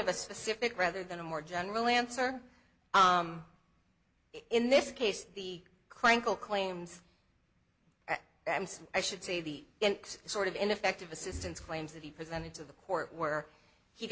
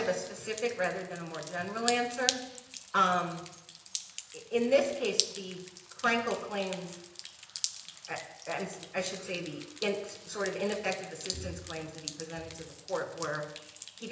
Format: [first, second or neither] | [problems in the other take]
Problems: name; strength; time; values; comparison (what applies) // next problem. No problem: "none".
first | background sound (Drip); 8 dB below the speech // room echo; dies away in 0.8 s